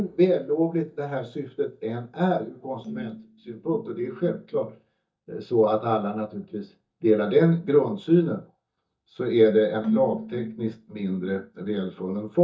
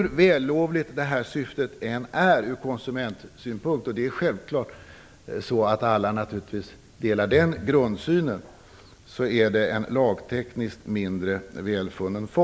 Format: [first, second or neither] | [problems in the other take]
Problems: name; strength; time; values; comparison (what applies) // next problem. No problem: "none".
second | noise reduction (neural mask model DeepFilterNet 3)